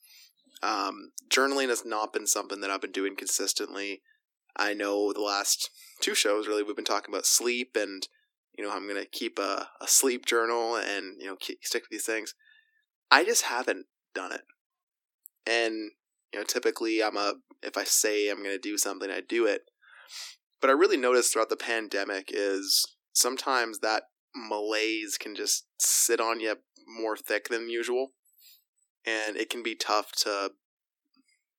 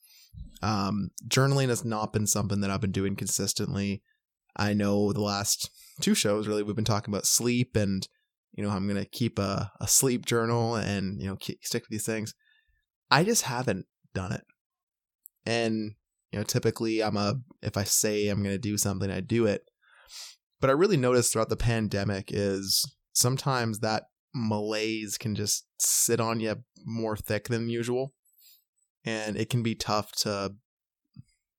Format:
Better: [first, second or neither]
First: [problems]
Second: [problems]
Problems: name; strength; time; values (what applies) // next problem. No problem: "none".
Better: second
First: thin; very; fading below 250 Hz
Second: none